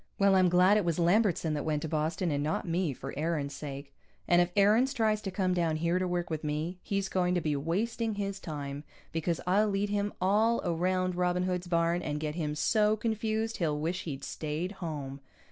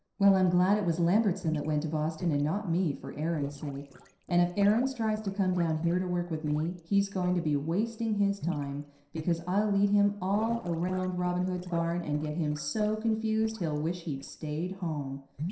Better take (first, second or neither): first